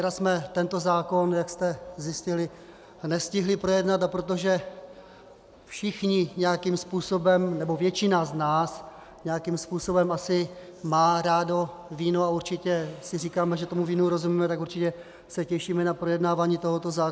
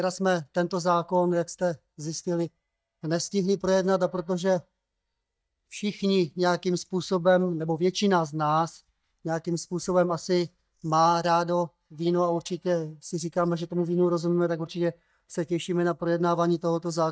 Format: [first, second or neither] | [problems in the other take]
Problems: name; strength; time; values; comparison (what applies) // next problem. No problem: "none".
first | noise reduction (neural mask model DeepFilterNet 3)